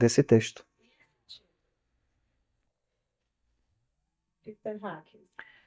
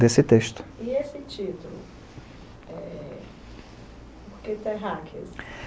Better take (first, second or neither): second